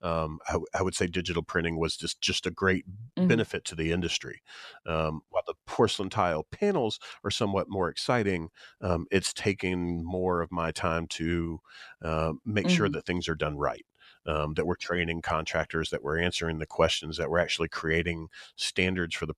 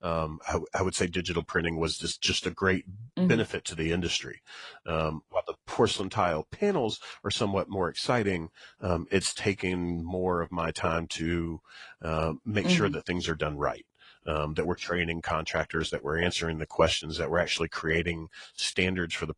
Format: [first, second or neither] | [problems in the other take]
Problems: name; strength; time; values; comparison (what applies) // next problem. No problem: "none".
first | garbled, watery; slightly